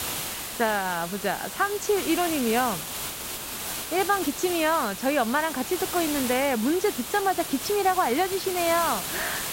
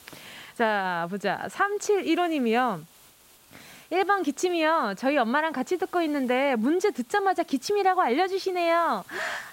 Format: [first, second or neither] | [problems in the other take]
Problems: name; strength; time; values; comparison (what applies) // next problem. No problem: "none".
second | hiss; loud; throughout; 6 dB below the speech; faint in the second